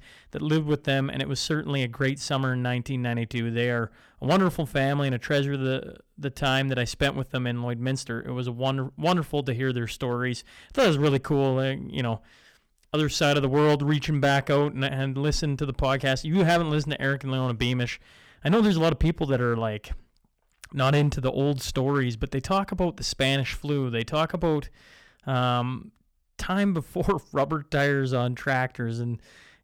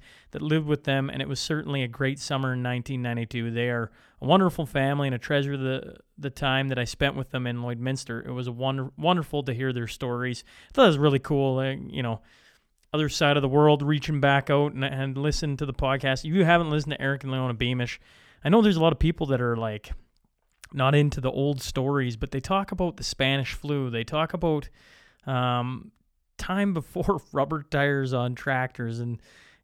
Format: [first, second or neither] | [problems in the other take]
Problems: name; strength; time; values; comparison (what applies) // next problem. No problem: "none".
second | distortion; slight; 4% of the sound clipped